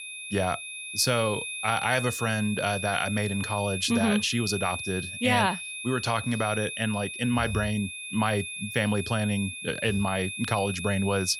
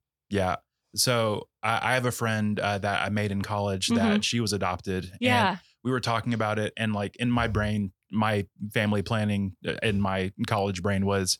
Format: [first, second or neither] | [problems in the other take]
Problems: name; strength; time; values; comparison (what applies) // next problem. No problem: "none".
second | high-pitched whine; loud; throughout; 2.5 kHz, 6 dB below the speech